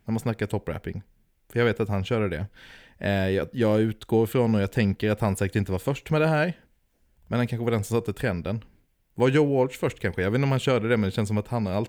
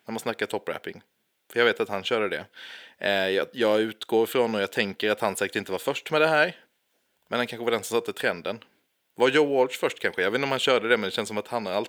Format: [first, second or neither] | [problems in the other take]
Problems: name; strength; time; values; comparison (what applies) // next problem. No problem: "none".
first | thin; somewhat; fading below 400 Hz